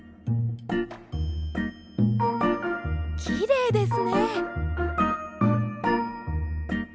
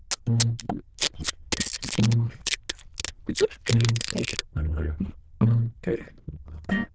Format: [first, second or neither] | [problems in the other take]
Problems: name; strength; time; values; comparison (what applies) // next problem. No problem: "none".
first | noise reduction (neural diffusion model UNIVERSE++)